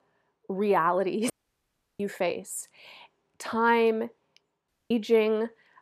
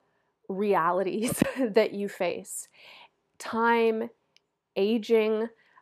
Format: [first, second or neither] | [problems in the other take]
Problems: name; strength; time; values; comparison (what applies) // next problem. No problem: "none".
second | audio cutting out; at 1.5 s for 0.5 s and at 4.5 s